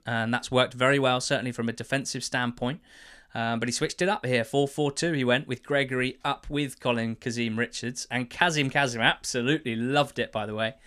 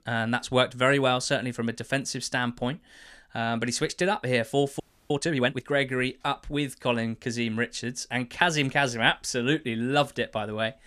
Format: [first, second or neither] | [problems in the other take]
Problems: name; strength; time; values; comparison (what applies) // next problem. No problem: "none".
first | audio freezing; at 5 s